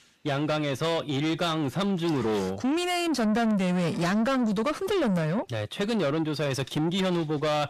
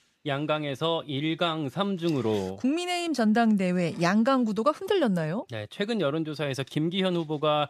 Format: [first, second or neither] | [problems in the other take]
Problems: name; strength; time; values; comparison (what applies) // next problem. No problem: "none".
second | distortion; heavy; 8 dB below the speech